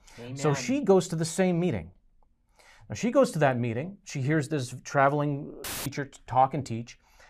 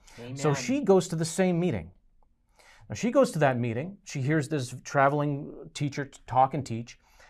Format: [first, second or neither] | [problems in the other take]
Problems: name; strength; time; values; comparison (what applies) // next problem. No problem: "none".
second | audio cutting out; filled with static; at 5.5 s